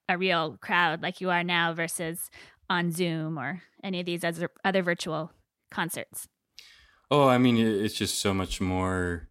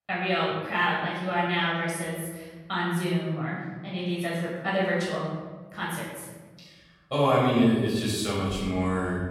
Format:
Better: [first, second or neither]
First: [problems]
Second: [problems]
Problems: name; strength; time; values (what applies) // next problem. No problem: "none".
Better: first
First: none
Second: off-mic speech; far // room echo; noticeable; dies away in 1.4 s